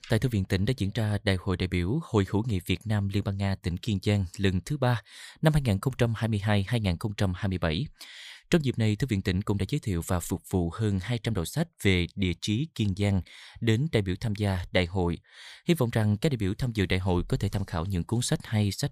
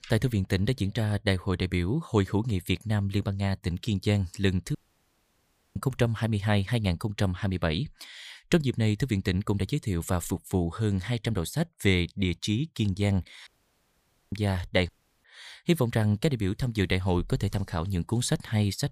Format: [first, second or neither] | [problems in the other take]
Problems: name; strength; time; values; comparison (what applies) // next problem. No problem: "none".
first | audio cutting out; at 5 s for 1 s, at 13 s for 1 s and at 15 s